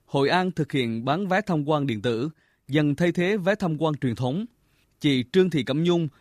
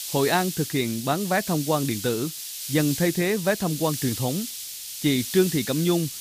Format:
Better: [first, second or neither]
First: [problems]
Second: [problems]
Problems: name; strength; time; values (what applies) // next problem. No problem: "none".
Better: first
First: none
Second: hiss; loud; throughout; 7 dB below the speech